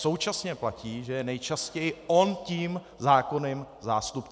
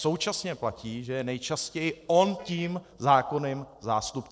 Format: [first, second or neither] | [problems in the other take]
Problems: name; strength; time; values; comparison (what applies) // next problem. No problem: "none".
first | noise reduction (neural separator model SepFormer DNS4)